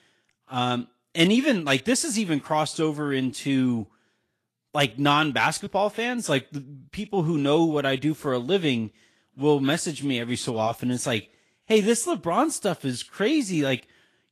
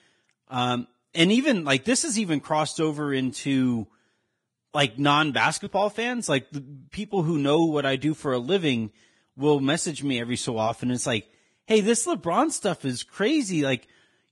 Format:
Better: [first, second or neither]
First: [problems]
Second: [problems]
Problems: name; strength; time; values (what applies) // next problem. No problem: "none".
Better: first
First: garbled, watery; slightly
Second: garbled, watery; badly; nothing above 10 kHz